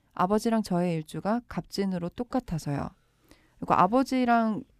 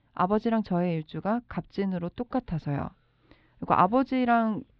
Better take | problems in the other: first | muffled; slightly; fading above 4 kHz

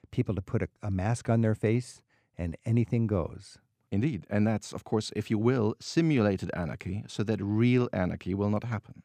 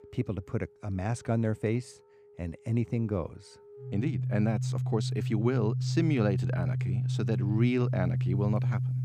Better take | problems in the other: first | background music; very loud; throughout; 1 dB above the speech

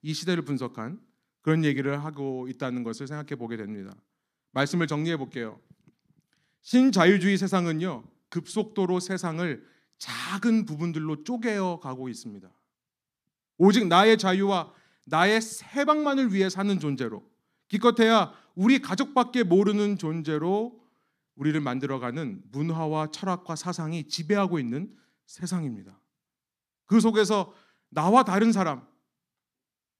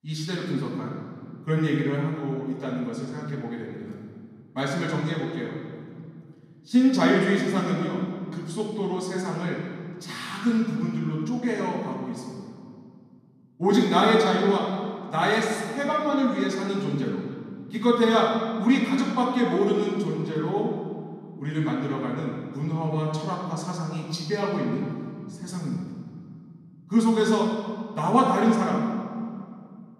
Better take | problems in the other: first | off-mic speech; far // room echo; noticeable; dies away in 1.9 s

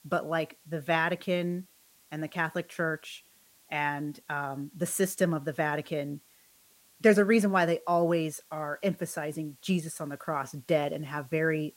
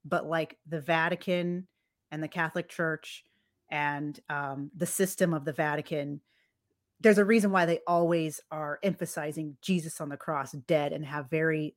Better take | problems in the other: second | hiss; faint; throughout; 30 dB below the speech

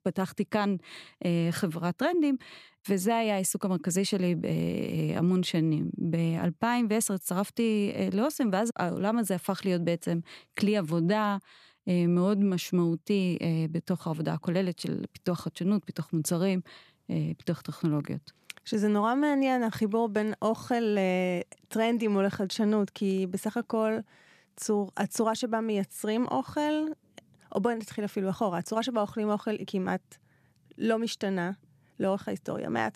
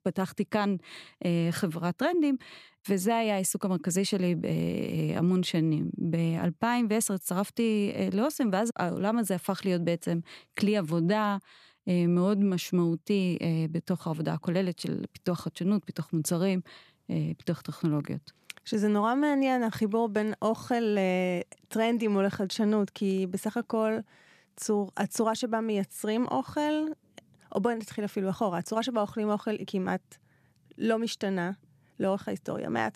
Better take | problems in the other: neither | none

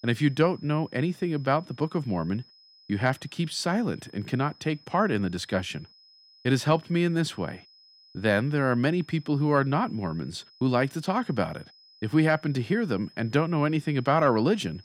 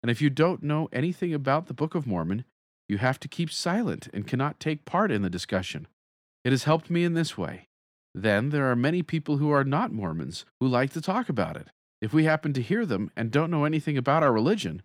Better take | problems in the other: second | high-pitched whine; faint; throughout; 5 kHz, 25 dB below the speech

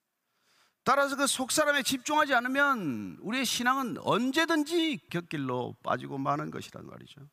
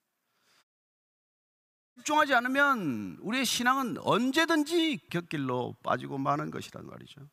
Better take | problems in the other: first | audio cutting out; at 0.5 s for 1.5 s

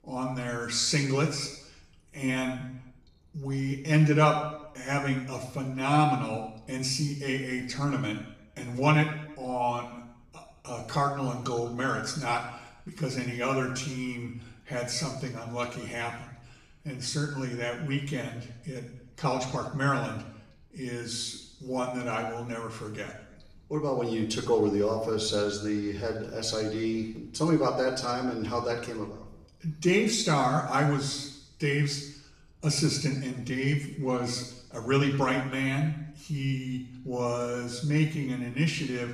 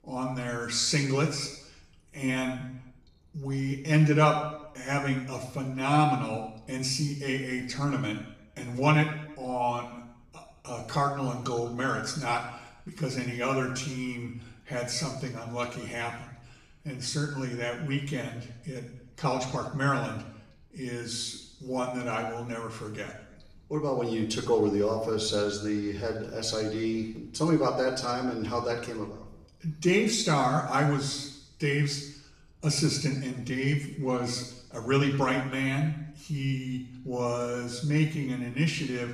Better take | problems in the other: neither | room echo; noticeable; dies away in 0.7 s; the same in both // off-mic speech; far; the same in both

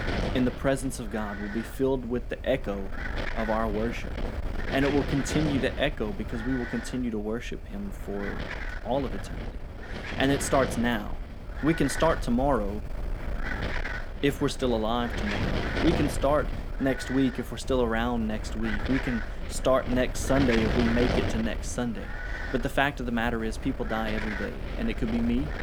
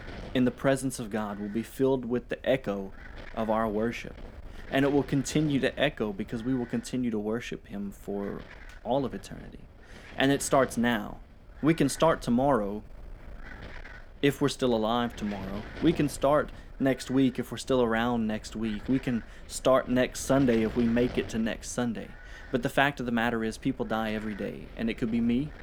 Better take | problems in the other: second | wind noise on the microphone; heavy; 6 dB below the speech; occasional gusts in the second

